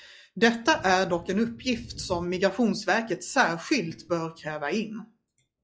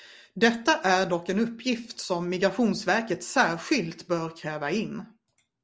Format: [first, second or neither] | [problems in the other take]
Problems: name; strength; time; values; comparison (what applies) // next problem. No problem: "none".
second | noise reduction (classical method log-MMSE)